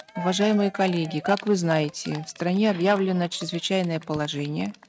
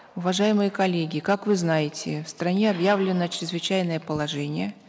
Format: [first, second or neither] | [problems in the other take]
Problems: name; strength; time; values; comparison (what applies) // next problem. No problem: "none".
second | noise reduction (neural mask model RNNoise)